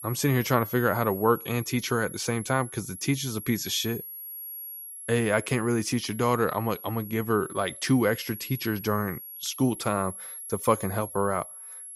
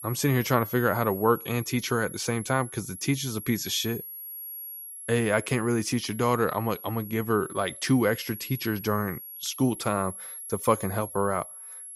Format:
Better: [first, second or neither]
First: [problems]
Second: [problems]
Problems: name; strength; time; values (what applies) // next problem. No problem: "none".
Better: neither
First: high-pitched whine; noticeable; throughout; 11 kHz, 10 dB below the speech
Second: high-pitched whine; noticeable; throughout; 11 kHz, 10 dB below the speech